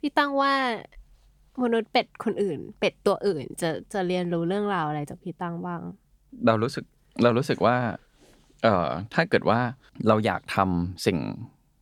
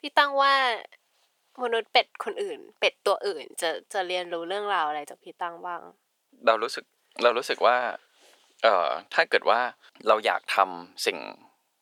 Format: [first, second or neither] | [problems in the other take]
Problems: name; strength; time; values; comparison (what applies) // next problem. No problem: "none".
first | thin; very; fading below 500 Hz